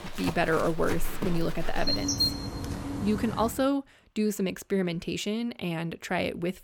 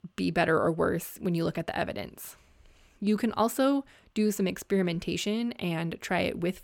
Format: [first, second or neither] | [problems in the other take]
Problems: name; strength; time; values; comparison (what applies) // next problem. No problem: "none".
second | animal sounds; loud; until 3.5 s; 2 dB below the speech